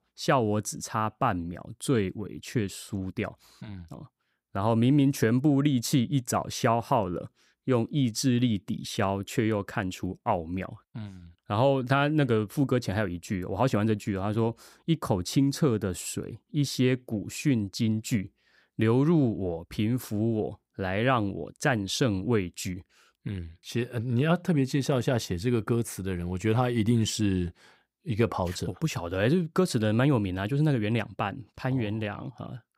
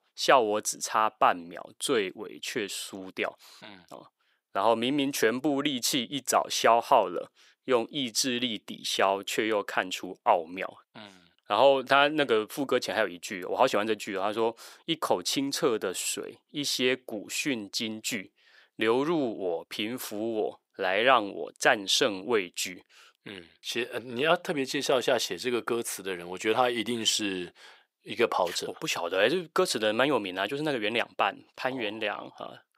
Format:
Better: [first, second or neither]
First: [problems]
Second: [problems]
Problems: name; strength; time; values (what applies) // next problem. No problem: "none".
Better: first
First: none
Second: thin; somewhat; fading below 500 Hz